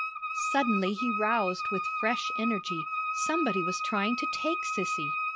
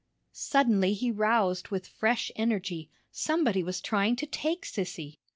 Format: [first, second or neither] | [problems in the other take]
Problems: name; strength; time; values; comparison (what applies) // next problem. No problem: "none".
second | background sound (Wind instrument, woodwind instrument); as loud as the speech